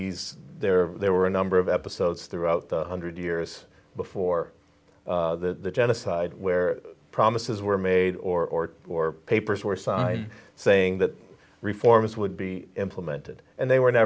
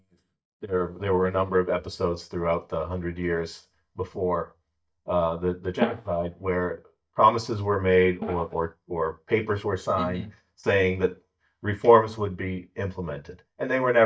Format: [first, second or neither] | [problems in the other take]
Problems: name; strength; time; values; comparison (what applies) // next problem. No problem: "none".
first | noise reduction (neural mask model DeepFilterNet 3)